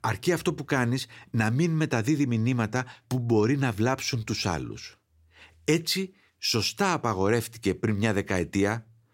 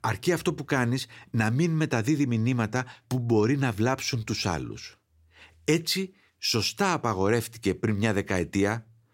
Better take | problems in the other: neither | none

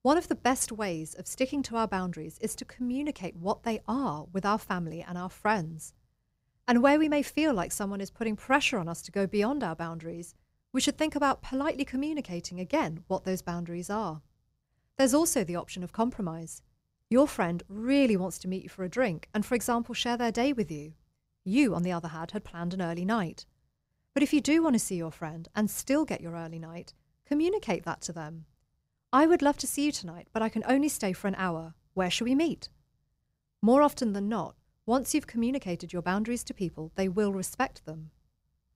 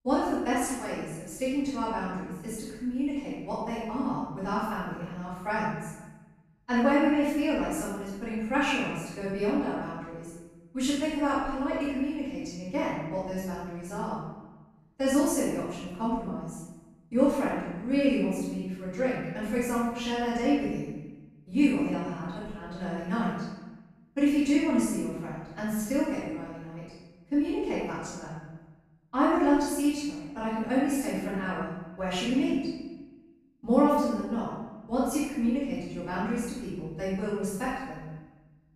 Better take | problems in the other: first | room echo; strong; dies away in 1 s // off-mic speech; far

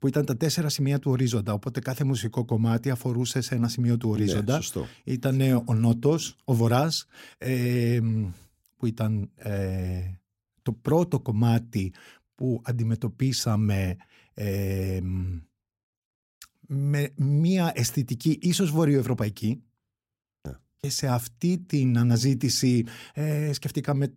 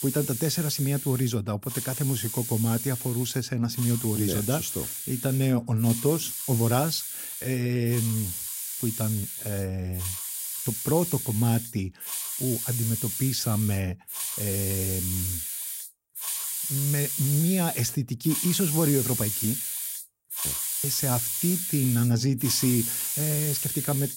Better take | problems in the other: first | hiss; loud; throughout; 2 dB below the speech

